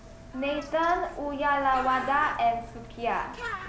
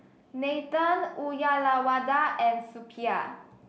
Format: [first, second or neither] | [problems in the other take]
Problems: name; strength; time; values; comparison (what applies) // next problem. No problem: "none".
second | background sound (Bird); 12 dB below the speech